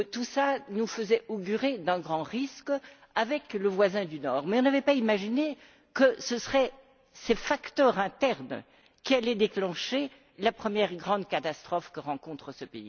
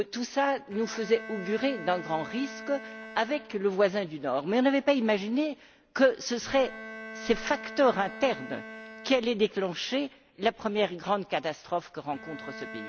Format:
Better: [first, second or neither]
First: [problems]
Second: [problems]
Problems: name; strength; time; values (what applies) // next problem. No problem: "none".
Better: first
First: none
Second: background sound (Bowed string instrument); 16 dB below the speech